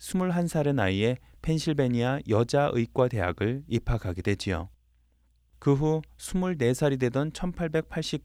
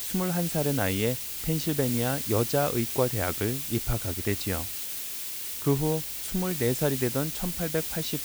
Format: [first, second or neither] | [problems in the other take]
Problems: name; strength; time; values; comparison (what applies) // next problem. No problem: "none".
first | hiss; loud; throughout; 2 dB below the speech